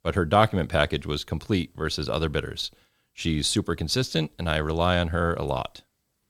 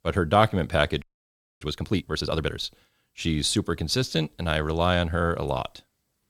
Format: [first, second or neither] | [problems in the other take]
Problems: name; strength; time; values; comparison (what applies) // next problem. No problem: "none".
first | audio freezing; at 1 s for 0.5 s